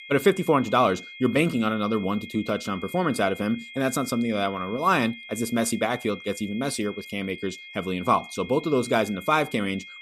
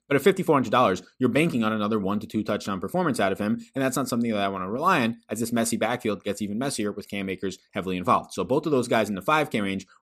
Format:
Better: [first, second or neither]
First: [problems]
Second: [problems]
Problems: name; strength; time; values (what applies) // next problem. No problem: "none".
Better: second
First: high-pitched whine; noticeable; throughout; 2 kHz, 15 dB below the speech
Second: none